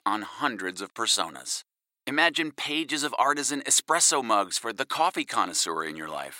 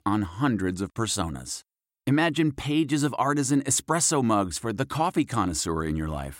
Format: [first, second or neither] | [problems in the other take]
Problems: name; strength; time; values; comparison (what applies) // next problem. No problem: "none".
second | thin; somewhat; fading below 550 Hz